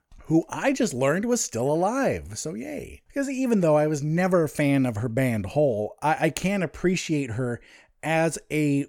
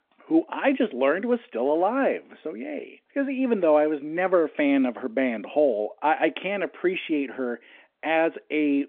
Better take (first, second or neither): first